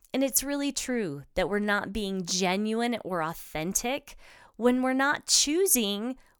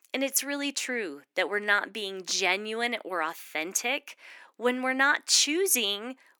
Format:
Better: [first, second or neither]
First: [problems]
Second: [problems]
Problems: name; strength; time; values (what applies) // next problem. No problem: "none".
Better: first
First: none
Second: thin; somewhat; fading below 300 Hz